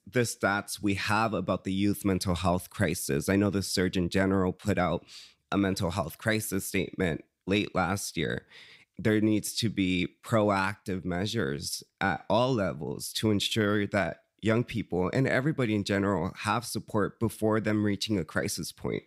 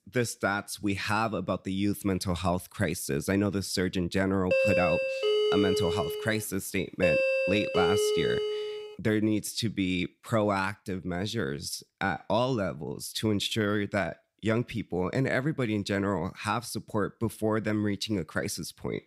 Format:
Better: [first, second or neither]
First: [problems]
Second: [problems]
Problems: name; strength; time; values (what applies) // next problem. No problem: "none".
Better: first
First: none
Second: doorbell; loud; from 4.5 to 9 s; peak 5 dB above the speech